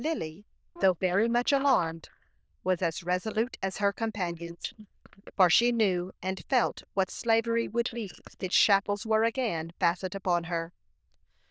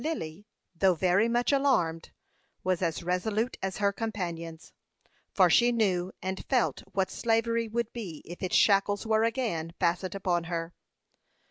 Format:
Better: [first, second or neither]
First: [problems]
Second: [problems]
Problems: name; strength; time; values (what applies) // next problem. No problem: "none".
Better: second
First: noise reduction (neural diffusion model UNIVERSE++)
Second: none